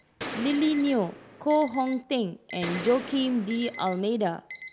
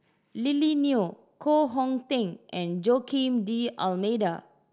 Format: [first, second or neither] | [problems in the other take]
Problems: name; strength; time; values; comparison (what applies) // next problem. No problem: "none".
second | background sound (Gunshot, gunfire + Alarm); 13 dB below the speech